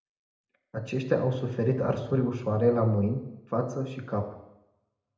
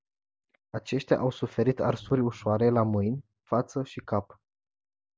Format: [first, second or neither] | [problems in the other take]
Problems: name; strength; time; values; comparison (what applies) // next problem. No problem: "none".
second | room echo; dies away in 0.8 s